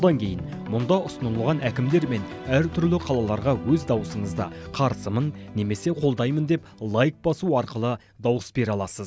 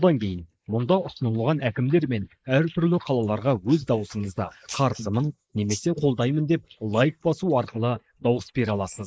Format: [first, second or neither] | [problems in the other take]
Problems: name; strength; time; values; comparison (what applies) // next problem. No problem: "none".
first | noise reduction (neural mask model Resemble Enhance denoiser)